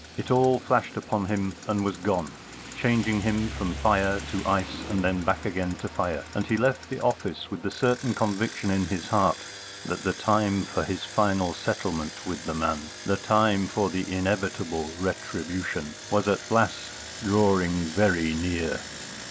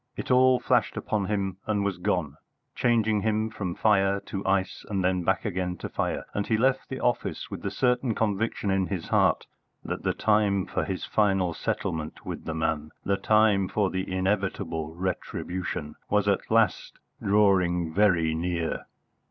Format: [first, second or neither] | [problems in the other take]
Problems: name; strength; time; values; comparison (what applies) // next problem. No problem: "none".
second | background sound (Rain + Engine); 13 dB below the speech